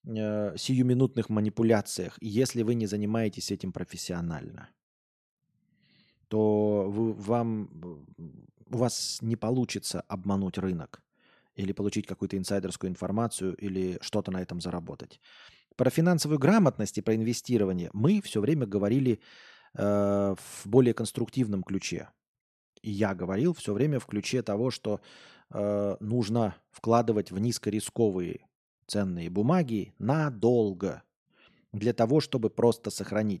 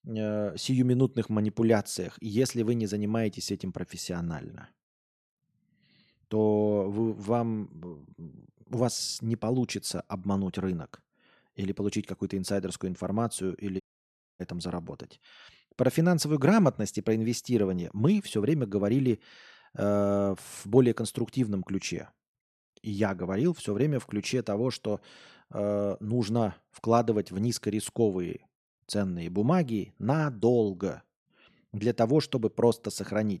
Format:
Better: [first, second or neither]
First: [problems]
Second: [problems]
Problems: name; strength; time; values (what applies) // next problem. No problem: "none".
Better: first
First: none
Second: audio cutting out; at 14 s for 0.5 s